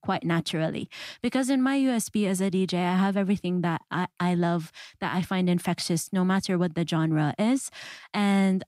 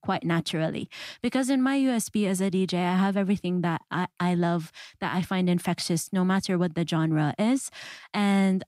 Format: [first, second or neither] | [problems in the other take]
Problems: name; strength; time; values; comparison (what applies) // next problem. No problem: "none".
neither | none